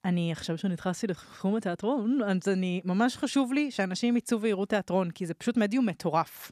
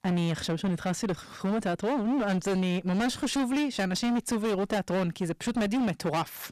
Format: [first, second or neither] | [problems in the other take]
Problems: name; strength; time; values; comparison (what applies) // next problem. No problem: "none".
first | distortion; heavy; 31% of the sound clipped